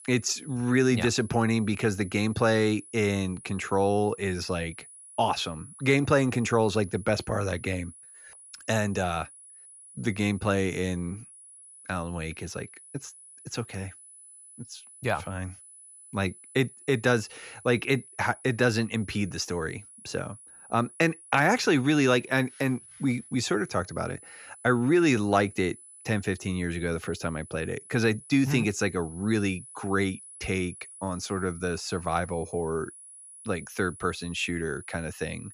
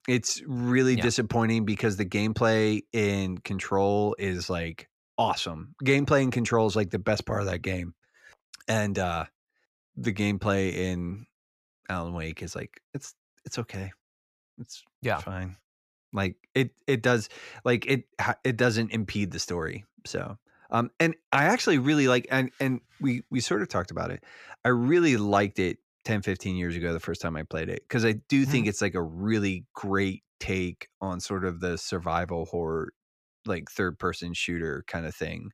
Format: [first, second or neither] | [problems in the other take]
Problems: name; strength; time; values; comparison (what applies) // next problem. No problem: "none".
second | high-pitched whine; noticeable; throughout; 10 kHz, 20 dB below the speech